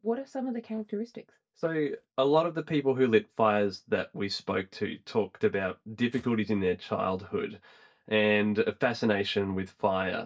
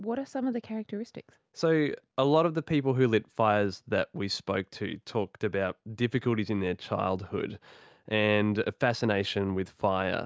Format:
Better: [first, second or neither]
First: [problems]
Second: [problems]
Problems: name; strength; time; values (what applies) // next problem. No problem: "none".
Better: second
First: noise reduction (neural mask model DeepFilterNet 3)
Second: none